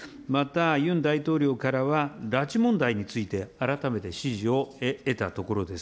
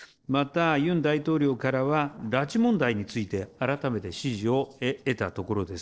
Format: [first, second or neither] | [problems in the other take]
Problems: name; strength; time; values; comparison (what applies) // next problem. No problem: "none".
first | noise reduction (neural separator model SepFormer DNS4)